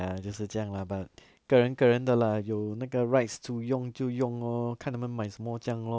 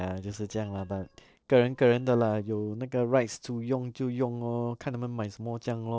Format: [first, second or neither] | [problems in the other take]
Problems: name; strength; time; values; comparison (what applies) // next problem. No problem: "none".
first | noise reduction (neural separator model SepFormer DNS4)